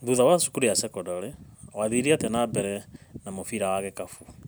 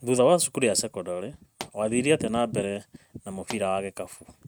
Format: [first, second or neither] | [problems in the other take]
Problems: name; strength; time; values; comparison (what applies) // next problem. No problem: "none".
first | noise reduction (neural mask model RNNoise)